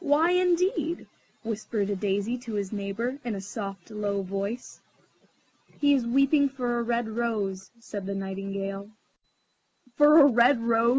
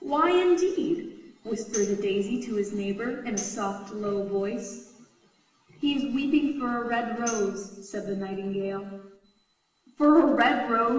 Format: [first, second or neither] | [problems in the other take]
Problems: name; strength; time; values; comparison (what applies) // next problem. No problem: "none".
first | background sound (Tambourine); 16 dB below the speech // room echo; dies away in 1 s